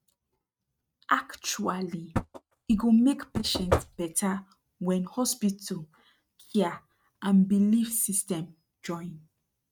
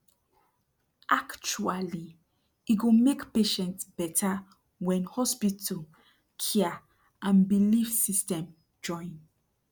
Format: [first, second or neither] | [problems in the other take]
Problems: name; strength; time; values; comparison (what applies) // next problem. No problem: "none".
second | noise reduction (neural mask model RNNoise)